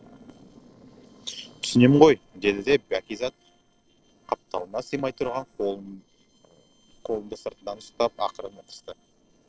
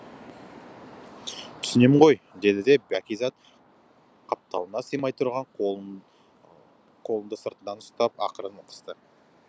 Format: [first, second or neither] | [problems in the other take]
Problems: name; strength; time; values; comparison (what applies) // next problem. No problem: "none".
second | noise reduction (neural separator model SepFormer DNS4)